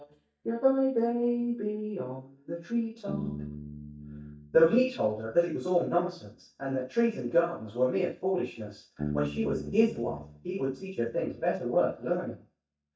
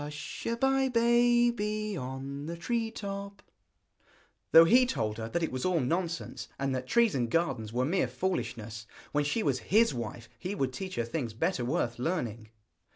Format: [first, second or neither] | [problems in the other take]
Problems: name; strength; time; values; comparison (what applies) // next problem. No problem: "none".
second | noise reduction (neural mask model DeepFilterNet 3)